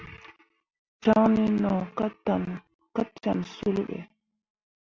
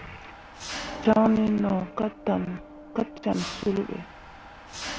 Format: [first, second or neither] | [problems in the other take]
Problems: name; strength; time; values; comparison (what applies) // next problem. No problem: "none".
first | background sound (Mechanisms); 13 dB below the speech